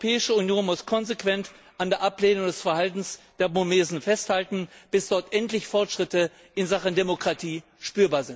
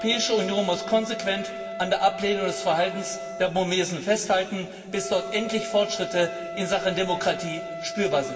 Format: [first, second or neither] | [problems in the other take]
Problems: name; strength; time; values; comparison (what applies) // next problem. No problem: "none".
first | background sound (Wind instrument, woodwind instrument); 10 dB below the speech // room echo; dies away in 1.9 s